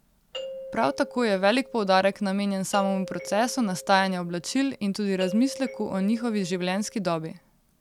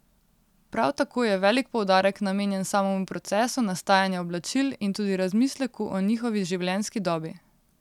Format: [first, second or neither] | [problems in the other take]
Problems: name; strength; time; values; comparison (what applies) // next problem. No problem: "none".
second | background sound (Doorbell); 15 dB below the speech